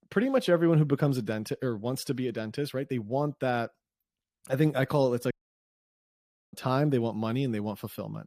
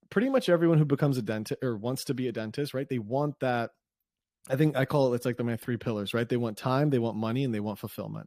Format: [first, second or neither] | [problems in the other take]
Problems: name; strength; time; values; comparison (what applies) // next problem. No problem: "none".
second | audio cutting out; at 5.5 s for 1 s